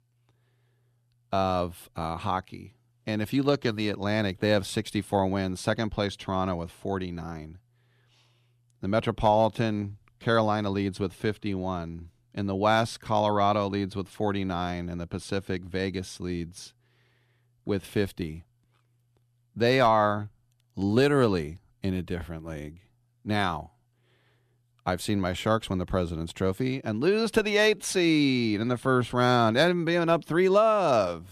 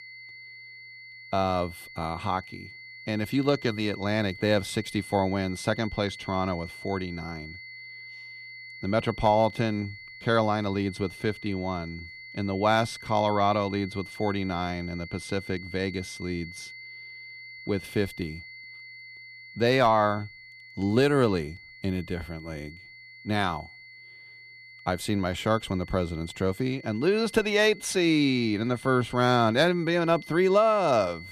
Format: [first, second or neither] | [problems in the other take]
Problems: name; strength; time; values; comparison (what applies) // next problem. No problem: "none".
first | high-pitched whine; noticeable; throughout; 2 kHz, 15 dB below the speech